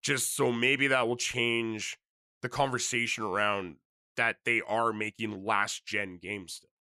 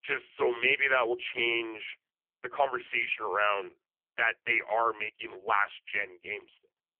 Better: first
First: none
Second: phone-call audio; poor line; nothing above 3 kHz

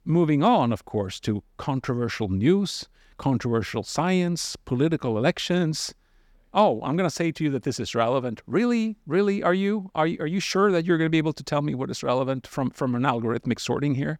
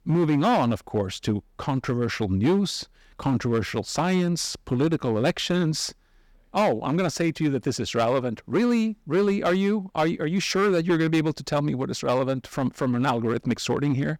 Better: first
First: none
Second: distortion; slight; 6% of the sound clipped

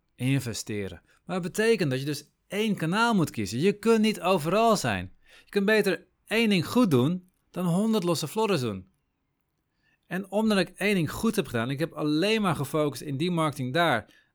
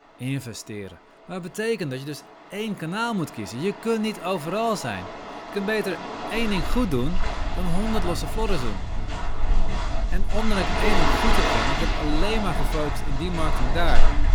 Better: first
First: none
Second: rain or running water; very loud; throughout; as loud as the speech

